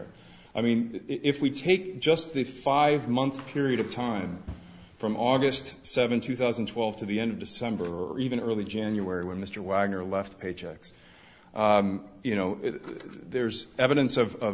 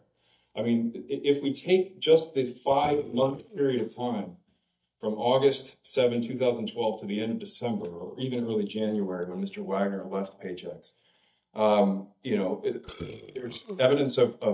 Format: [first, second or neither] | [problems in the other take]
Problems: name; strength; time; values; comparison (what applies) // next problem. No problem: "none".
first | noise reduction (neural mask model DeepFilterNet 3)